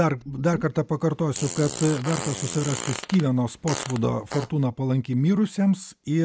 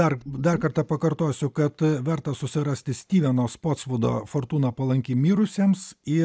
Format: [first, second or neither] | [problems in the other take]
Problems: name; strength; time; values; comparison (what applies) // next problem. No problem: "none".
second | background sound (Fart); 10 dB below the speech